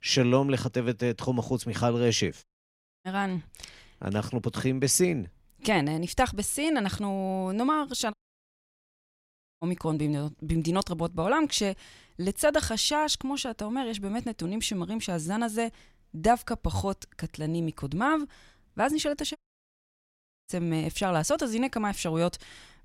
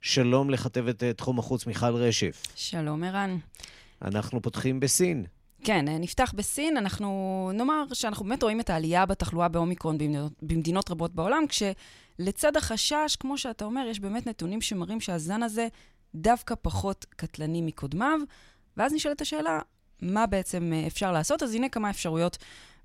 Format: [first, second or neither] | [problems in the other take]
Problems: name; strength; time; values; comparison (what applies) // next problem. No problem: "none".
second | audio cutting out; at 2.5 s for 0.5 s, at 8 s for 1.5 s and at 19 s for 1 s